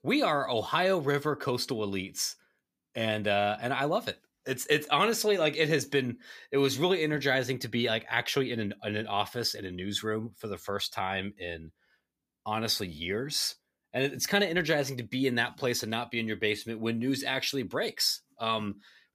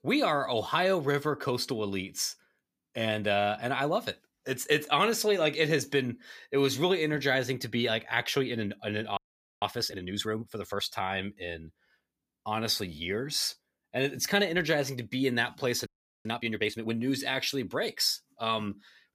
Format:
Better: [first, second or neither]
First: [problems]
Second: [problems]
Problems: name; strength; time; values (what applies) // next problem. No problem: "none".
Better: first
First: none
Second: audio freezing; at 9 s and at 16 s